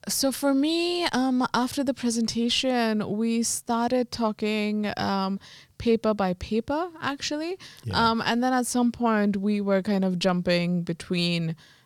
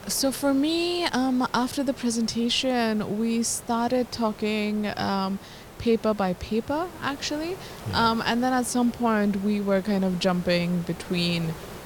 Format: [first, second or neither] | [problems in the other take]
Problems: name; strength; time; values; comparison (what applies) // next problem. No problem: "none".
first | hiss; noticeable; throughout; 15 dB below the speech